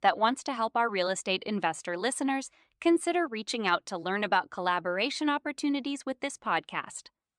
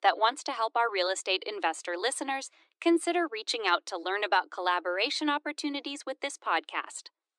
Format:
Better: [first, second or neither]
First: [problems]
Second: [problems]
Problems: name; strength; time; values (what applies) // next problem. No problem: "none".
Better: first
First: none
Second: thin; somewhat; fading below 300 Hz